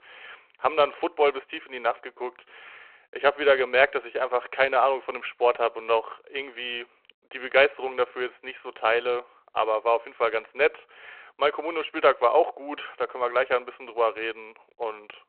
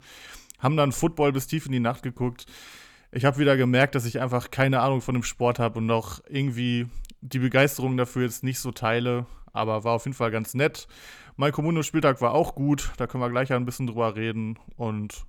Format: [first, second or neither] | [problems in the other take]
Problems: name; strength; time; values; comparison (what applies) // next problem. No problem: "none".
second | phone-call audio